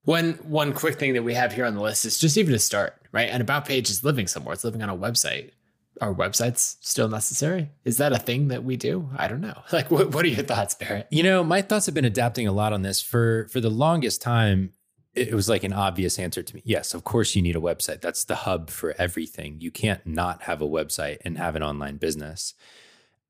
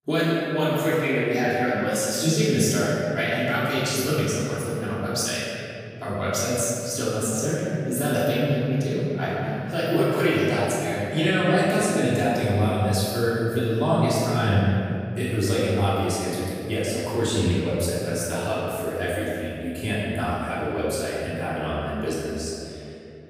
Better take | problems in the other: first | off-mic speech; far // room echo; strong; dies away in 2.6 s

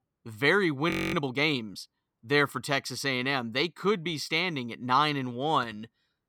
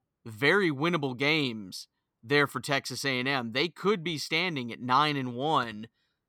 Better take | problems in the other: second | audio freezing; at 1 s

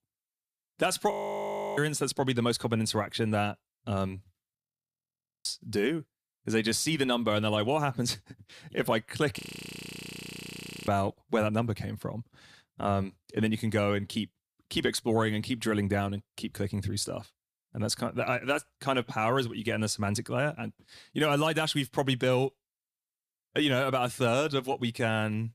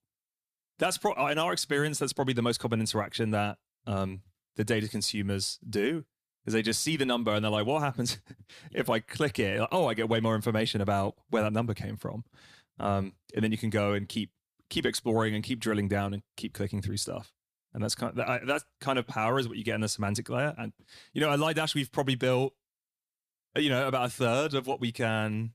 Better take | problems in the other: second | audio freezing; at 1 s for 0.5 s, at 4.5 s for 1 s and at 9.5 s for 1.5 s

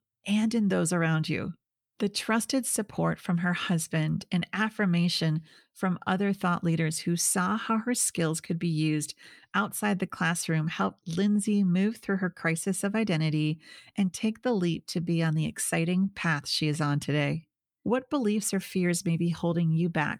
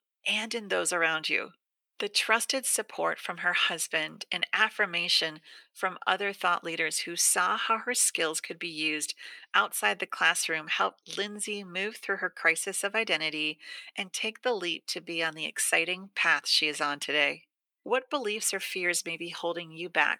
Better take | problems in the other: first | thin; very; fading below 450 Hz

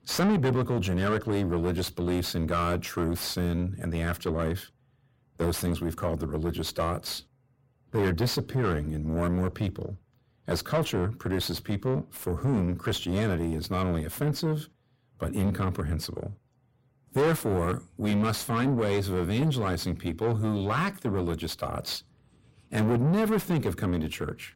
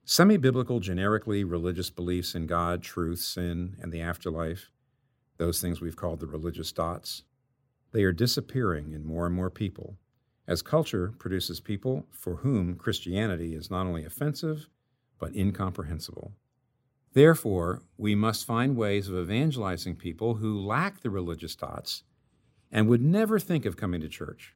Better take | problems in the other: second | distortion; heavy; 5 dB below the speech

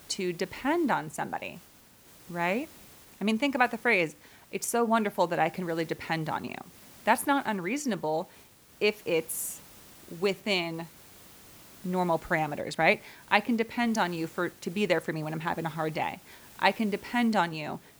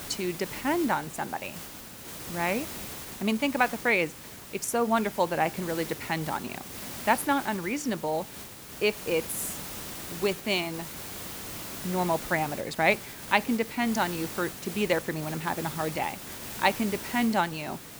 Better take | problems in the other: first | hiss; loud; throughout; 10 dB below the speech; faint in the first

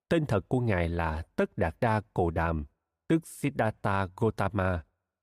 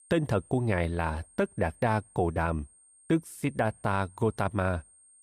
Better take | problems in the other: first | high-pitched whine; faint; throughout; 8.5 kHz, 25 dB below the speech

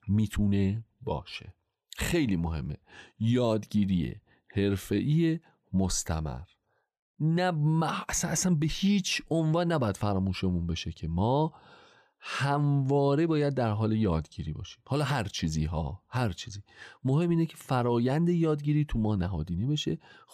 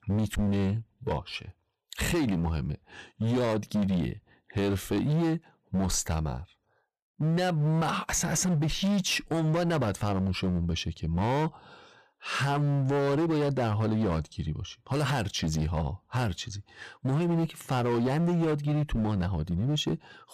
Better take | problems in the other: first | distortion; slight; 18% of the sound clipped

